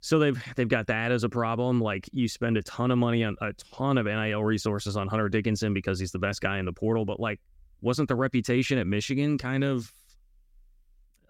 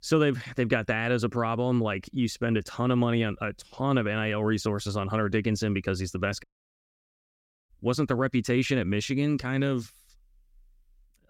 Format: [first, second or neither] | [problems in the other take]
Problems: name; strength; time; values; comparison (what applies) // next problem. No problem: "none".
first | audio cutting out; at 6.5 s for 1.5 s